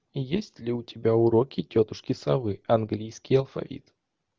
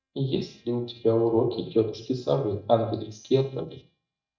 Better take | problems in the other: first | noise reduction (neural mask model DeepFilterNet 3)

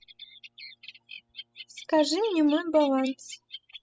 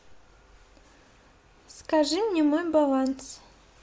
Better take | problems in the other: second | noise reduction (classical method spectral subtraction)

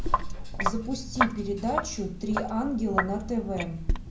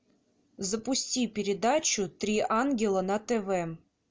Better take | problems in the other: second | background sound (Sink (filling or washing)); 1 dB above the speech // room echo; dies away in 0.6 s

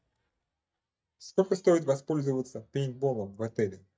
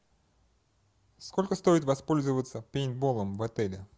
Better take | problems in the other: second | noise reduction (neural mask model DeepFilterNet 3)

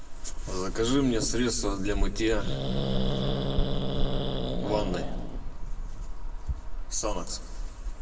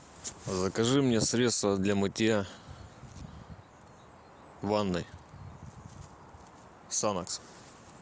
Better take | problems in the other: second | background sound (Growling); 4 dB above the speech // room echo; dies away in 1.4 s

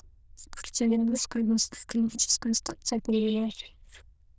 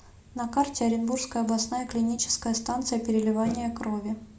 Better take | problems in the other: second | noise reduction (neural diffusion model UNIVERSE++)

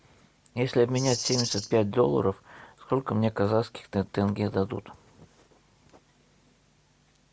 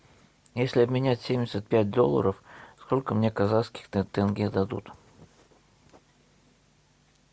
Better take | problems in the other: second | background sound (Rattle (instrument)); 5 dB below the speech

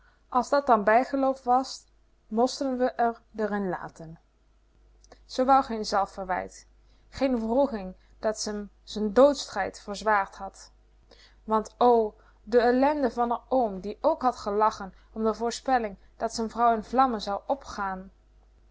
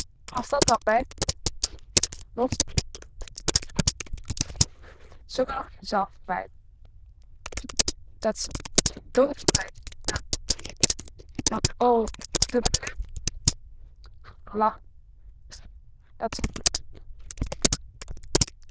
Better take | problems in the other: first | noise reduction (neural diffusion model UNIVERSE++)

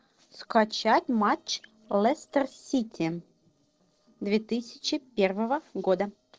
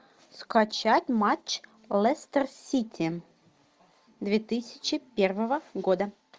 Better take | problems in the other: second | noise reduction (neural separator model SepFormer DNS4)

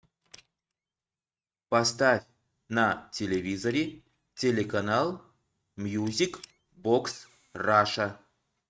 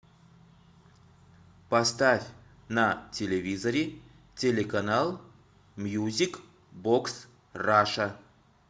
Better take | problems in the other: second | noise reduction (neural mask model RNNoise)

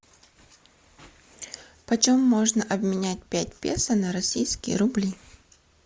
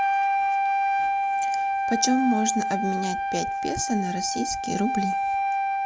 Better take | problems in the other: first | background sound (Wind instrument, woodwind instrument); 4 dB above the speech

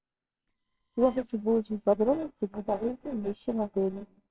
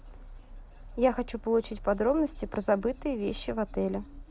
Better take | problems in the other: second | noise reduction (neural separator model SepFormer WHAMR!)

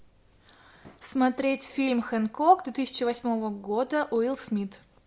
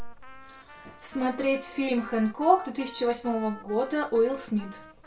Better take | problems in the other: first | background sound (Trumpet); 19 dB below the speech // room echo; dies away in 0.2 s

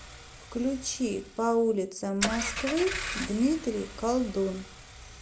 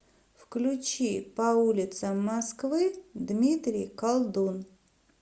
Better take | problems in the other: second | background sound (Engine / Car); 9 dB below the speech

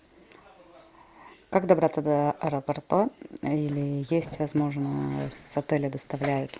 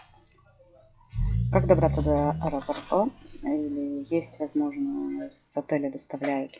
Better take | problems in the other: first | noise reduction (classical method WPE with log-MMSE)

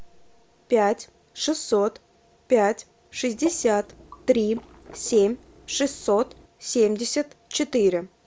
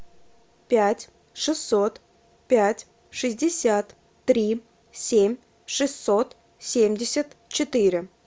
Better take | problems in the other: second | background sound (Water / Liquid); 19 dB below the speech

